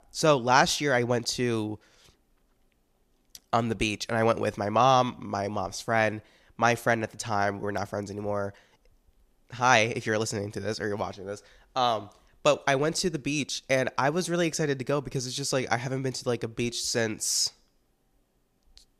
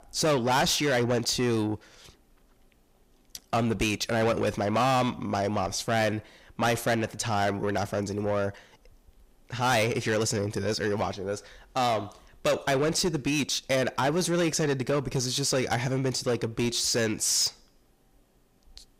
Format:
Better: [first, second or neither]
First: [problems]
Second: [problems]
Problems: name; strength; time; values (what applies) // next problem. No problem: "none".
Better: first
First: none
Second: distortion; heavy; 6 dB below the speech